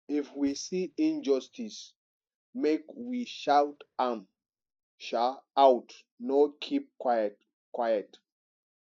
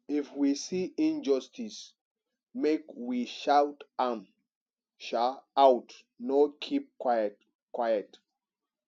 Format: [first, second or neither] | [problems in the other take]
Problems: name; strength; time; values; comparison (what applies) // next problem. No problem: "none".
second | noise reduction (neural mask model DeepFilterNet 3)